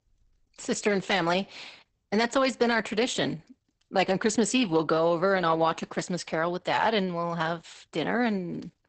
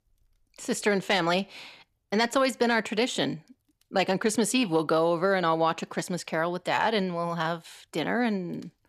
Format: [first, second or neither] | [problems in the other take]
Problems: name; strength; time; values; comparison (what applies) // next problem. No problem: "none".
second | garbled, watery; badly; nothing above 8 kHz